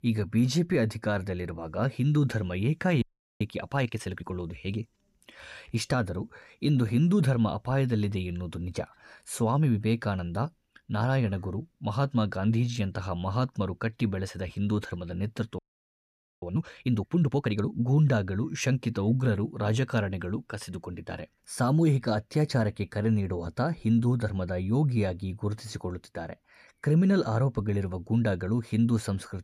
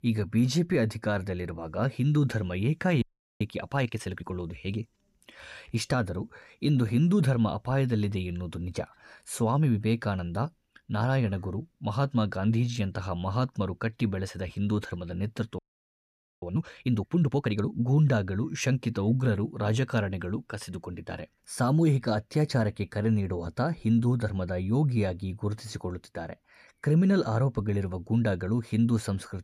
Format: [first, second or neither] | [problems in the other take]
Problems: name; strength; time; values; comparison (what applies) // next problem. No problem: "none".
neither | audio freezing; at 3 s and at 16 s for 1 s; the same in both